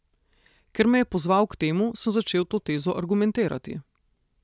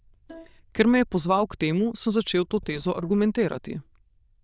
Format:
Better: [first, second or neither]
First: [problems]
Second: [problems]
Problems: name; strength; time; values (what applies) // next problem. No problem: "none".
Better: first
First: none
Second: noise reduction (neural diffusion model UNIVERSE++)